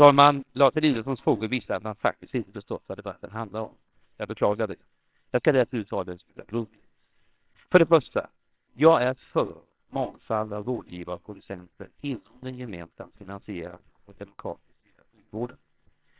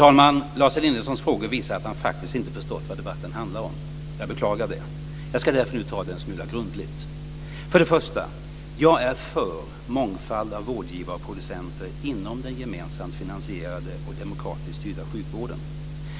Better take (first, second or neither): second